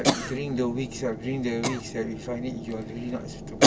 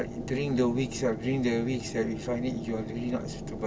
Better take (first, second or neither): second